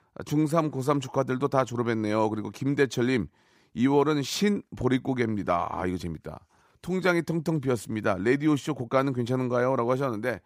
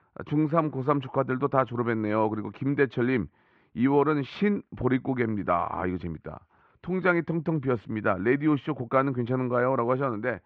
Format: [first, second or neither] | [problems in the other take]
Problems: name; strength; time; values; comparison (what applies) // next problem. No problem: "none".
first | muffled; very; fading above 3 kHz